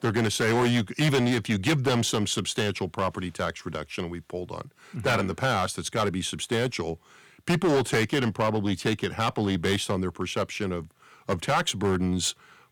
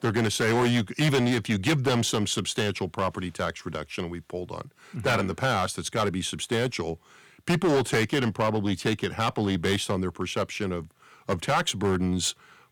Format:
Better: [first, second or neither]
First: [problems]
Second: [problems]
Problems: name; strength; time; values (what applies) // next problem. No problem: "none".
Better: neither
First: distortion; heavy; 9% of the sound clipped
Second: distortion; heavy; 9% of the sound clipped